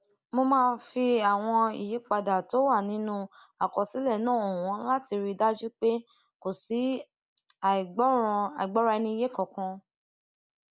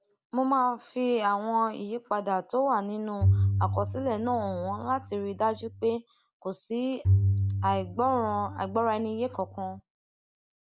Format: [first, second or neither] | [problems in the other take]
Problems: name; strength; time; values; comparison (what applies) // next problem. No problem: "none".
first | background sound (Bowed string instrument); as loud as the speech